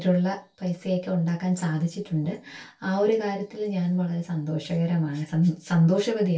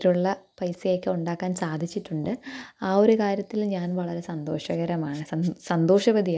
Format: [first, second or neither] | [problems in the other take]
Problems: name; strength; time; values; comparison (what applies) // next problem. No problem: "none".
second | room echo; dies away in 0.2 s